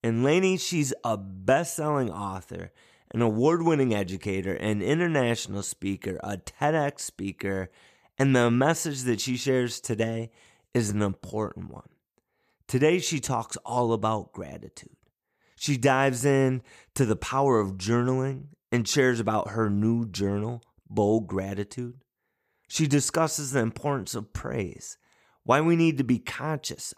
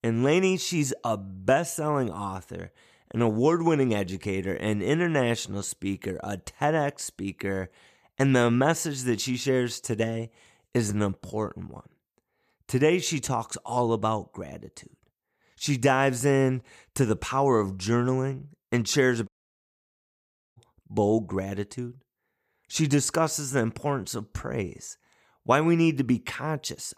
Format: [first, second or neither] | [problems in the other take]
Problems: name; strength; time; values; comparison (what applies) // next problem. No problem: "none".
first | audio cutting out; at 19 s for 1.5 s